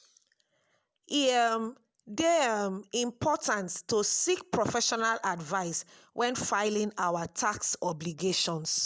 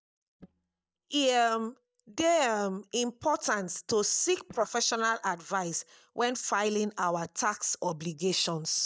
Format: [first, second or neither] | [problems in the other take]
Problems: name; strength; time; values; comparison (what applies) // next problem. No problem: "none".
first | noise reduction (neural mask model DeepFilterNet 3)